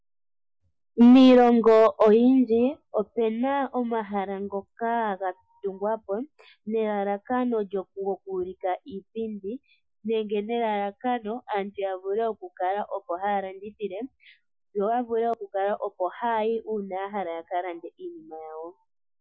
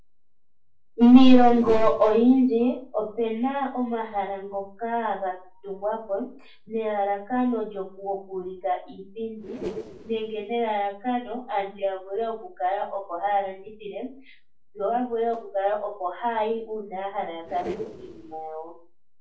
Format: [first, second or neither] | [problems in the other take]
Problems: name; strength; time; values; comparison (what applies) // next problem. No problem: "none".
first | noise reduction (neural separator model SepFormer DNS4)